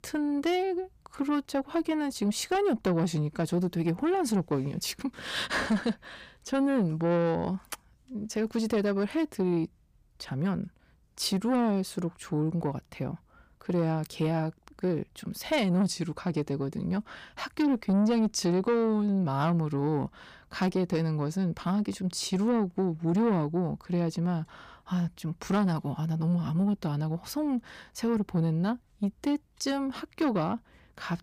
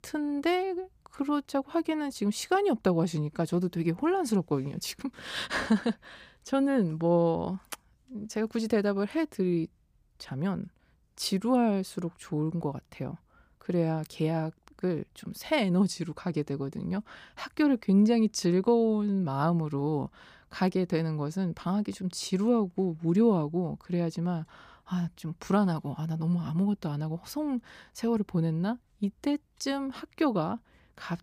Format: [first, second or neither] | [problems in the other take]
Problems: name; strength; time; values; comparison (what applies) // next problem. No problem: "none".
second | distortion; slight; 10 dB below the speech